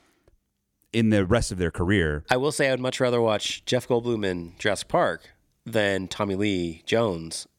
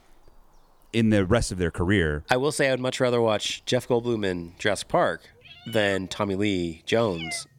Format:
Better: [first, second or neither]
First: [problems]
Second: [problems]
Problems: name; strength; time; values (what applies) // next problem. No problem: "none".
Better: first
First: none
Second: animal sounds; noticeable; throughout; 15 dB below the speech